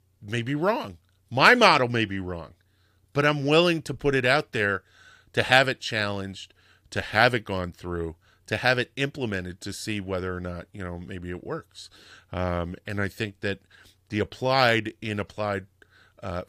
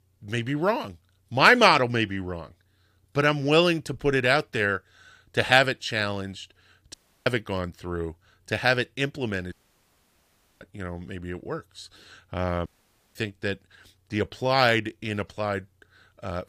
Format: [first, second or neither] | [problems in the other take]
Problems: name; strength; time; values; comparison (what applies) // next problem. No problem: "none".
first | audio cutting out; at 7 s, at 9.5 s for 1 s and at 13 s